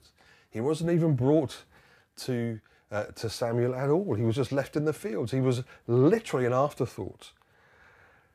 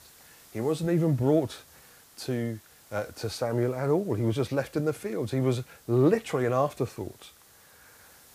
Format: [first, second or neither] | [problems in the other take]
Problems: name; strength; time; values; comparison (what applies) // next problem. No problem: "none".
first | hiss; faint; throughout; 25 dB below the speech